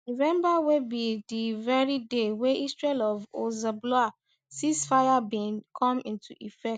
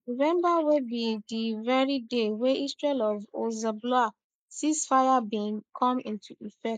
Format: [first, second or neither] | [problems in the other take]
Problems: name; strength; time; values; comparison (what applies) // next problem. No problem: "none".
first | noise reduction (neural mask model Resemble Enhance denoiser)